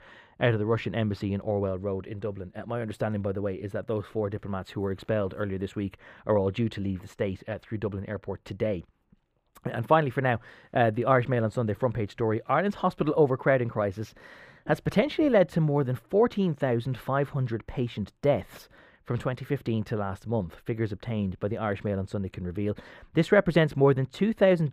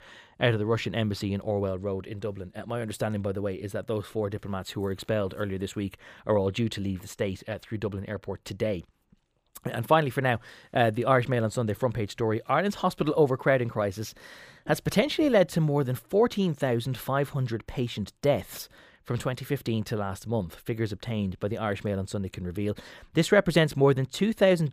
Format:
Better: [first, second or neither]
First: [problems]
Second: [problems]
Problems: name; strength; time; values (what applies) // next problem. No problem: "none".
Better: second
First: muffled; slightly; fading above 3.5 kHz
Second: none